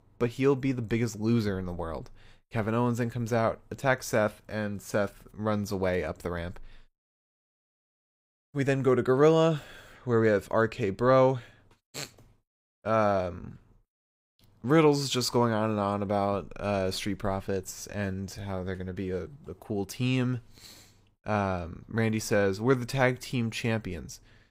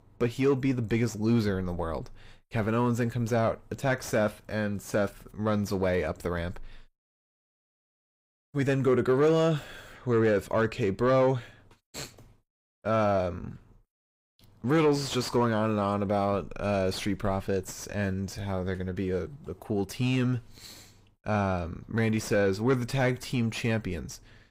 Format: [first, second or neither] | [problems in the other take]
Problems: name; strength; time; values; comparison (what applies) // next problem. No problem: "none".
first | distortion; slight; 10 dB below the speech